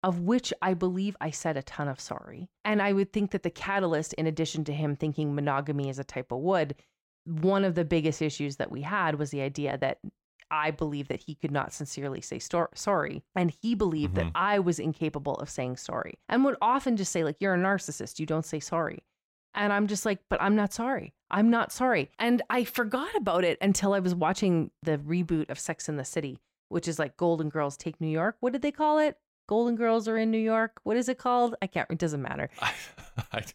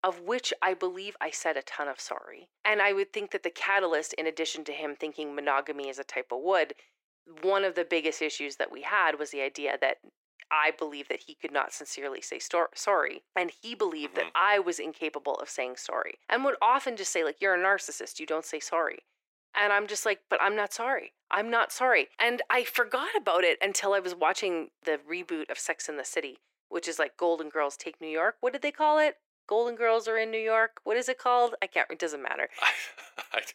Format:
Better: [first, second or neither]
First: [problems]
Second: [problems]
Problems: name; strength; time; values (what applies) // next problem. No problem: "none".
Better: first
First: none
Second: thin; very; fading below 350 Hz